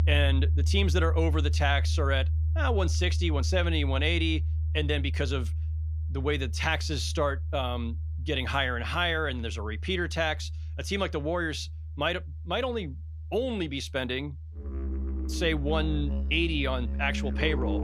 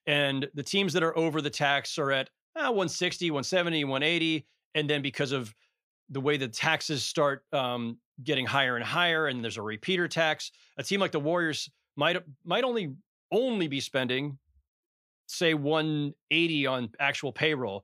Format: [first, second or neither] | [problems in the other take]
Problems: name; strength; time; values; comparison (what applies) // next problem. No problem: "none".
second | background music; loud; throughout; 1 dB below the speech